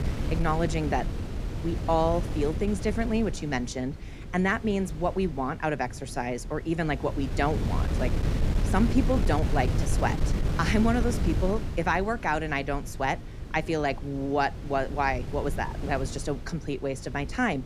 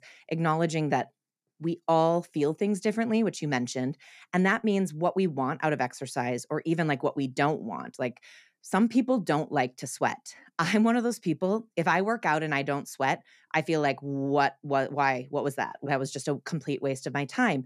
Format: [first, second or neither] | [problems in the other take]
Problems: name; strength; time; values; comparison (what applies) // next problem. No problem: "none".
second | wind noise on the microphone; occasional gusts; 10 dB below the speech